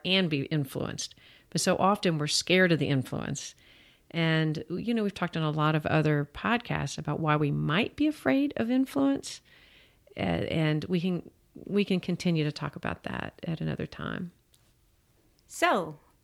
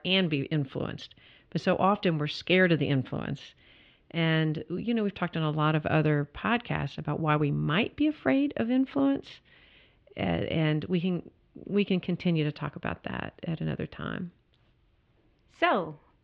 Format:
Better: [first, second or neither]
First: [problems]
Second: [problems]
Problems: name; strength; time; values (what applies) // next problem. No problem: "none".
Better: first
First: none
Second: muffled; slightly; fading above 3 kHz